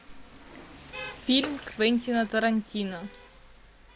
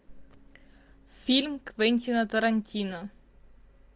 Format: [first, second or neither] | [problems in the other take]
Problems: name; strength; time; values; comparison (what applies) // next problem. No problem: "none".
second | background sound (Bathtub (filling or washing) / Water / Splash, splatter + Rain); 16 dB below the speech